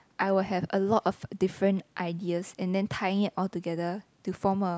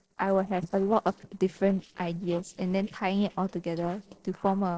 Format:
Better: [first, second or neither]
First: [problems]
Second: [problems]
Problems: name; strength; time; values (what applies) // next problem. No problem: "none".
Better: first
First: none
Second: noise reduction (neural separator model SepFormer DNS4)